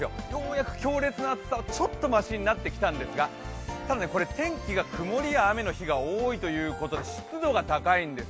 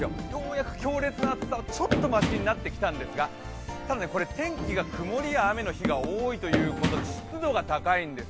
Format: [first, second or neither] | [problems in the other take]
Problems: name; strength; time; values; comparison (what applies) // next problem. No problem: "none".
first | background sound (Run); 4 dB below the speech